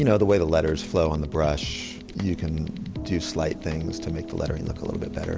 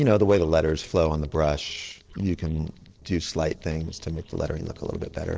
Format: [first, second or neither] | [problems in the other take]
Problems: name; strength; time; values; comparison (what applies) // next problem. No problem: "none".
first | noise reduction (neural separator model SepFormer DNS4)